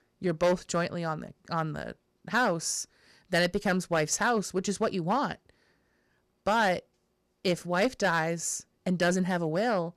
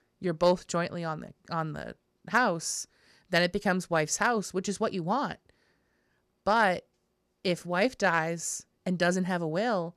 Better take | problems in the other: second | distortion; slight; 3% of the sound clipped

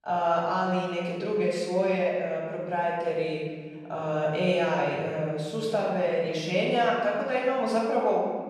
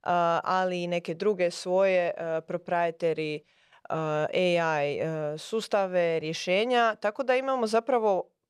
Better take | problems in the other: second | off-mic speech; far // room echo; strong; dies away in 1.9 s

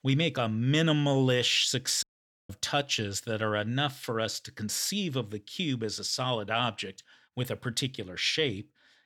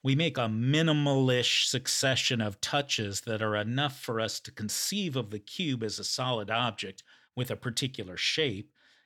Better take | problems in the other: second | audio cutting out; at 2 s

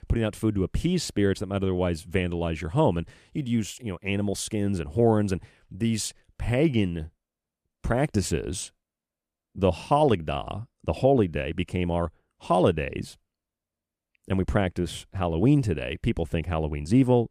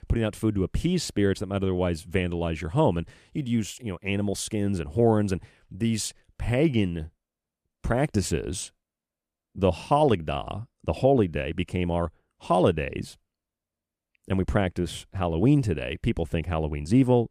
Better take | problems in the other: neither | none

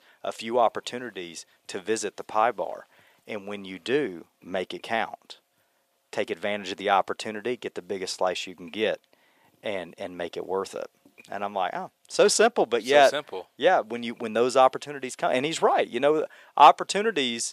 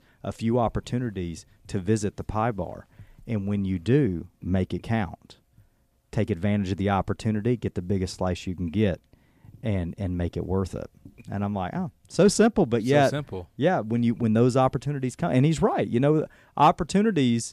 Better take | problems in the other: second | thin; very; fading below 600 Hz

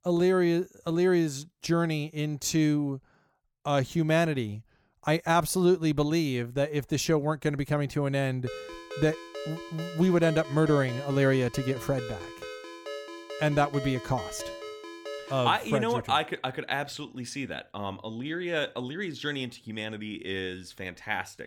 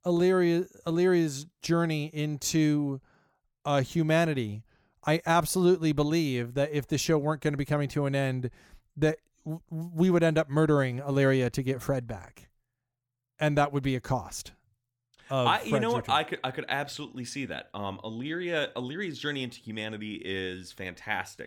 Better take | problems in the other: second | phone ringing; faint; from 8.5 to 16 s; peak 10 dB below the speech

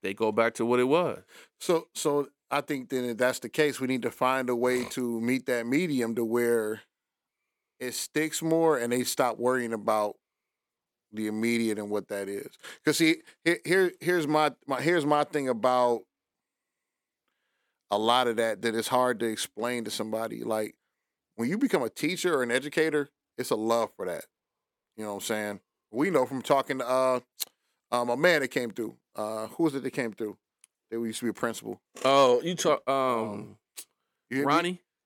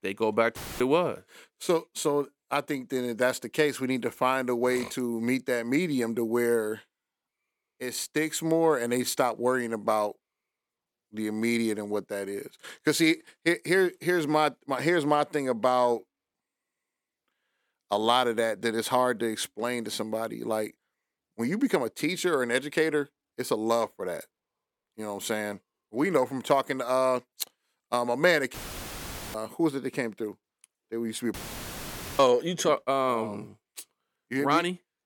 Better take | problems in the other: first | audio cutting out; filled with static; at 0.5 s, at 29 s for 1 s and at 31 s for 1 s

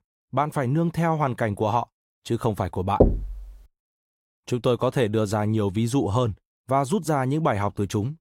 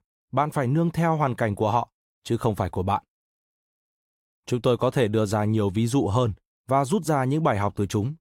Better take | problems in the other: second | door banging; loud; at 3 s; peak 3 dB above the speech

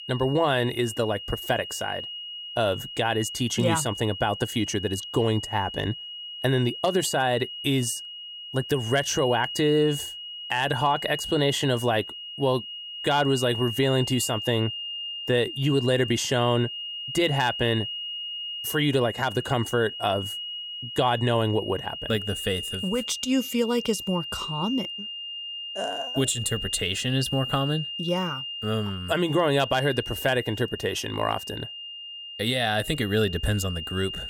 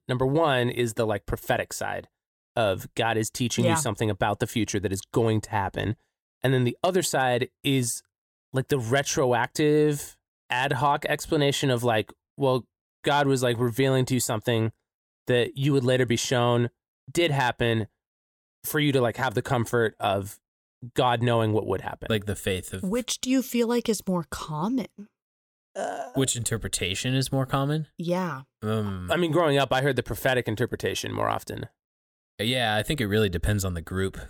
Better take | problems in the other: second | high-pitched whine; loud; throughout; 3 kHz, 7 dB below the speech

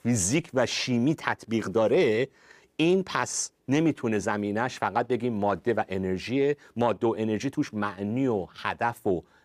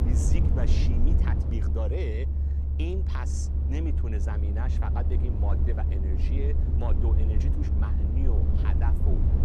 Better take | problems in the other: first | low rumble; loud; throughout; 2 dB below the speech

